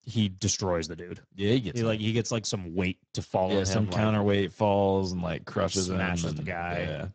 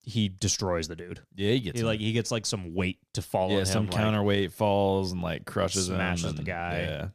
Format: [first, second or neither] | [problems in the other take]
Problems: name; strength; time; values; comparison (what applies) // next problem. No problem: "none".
second | garbled, watery; badly; nothing above 7.5 kHz